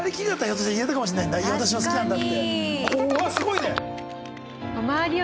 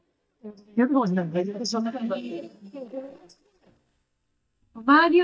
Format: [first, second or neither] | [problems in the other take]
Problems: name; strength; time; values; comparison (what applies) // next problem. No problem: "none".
first | noise reduction (neural mask model DeepFilterNet 3)